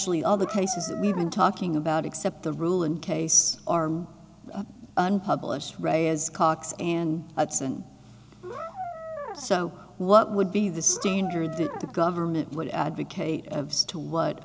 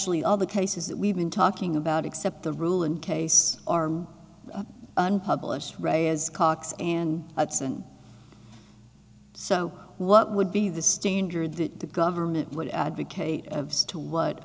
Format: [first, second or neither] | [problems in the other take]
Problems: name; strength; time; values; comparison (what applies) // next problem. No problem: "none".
second | background sound (Brass instrument); 10 dB below the speech